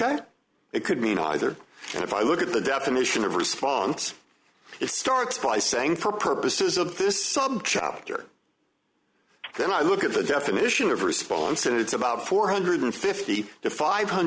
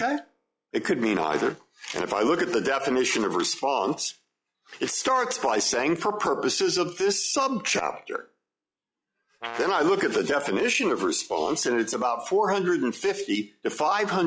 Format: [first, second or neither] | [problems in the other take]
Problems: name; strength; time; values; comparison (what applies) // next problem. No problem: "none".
first | noise reduction (classical method log-MMSE)